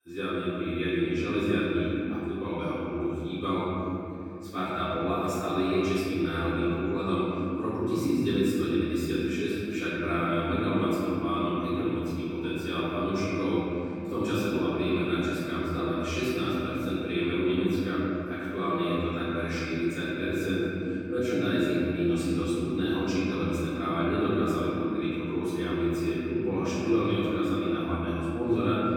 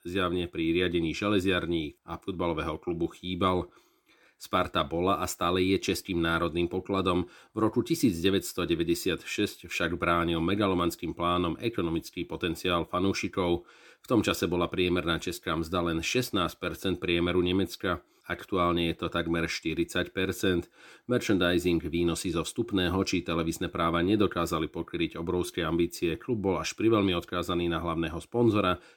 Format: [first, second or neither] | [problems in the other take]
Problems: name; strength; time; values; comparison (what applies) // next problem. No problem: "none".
second | room echo; strong; dies away in 3 s // off-mic speech; far